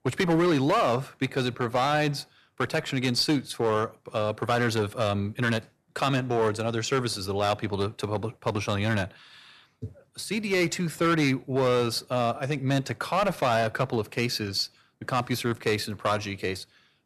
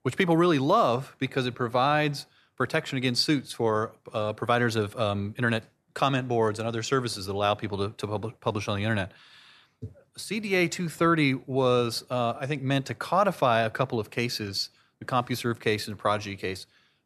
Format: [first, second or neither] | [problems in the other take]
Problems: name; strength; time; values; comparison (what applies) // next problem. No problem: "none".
second | distortion; slight; 6% of the sound clipped